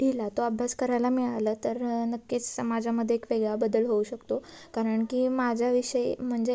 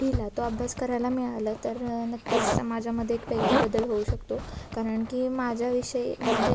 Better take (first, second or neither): first